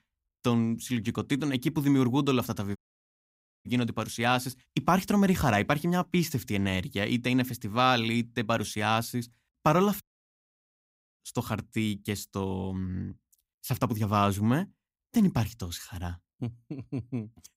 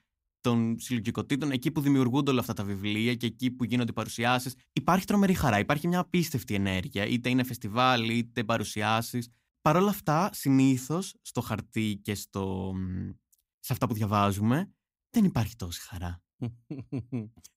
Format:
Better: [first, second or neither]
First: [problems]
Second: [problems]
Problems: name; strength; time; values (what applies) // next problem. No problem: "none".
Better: second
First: audio cutting out; at 3 s for 1 s and at 10 s for 1 s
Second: none